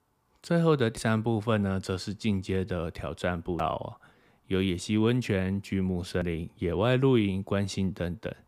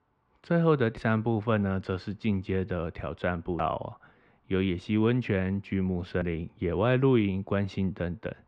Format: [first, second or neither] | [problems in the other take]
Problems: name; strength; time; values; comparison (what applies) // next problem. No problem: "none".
first | muffled; slightly; fading above 2.5 kHz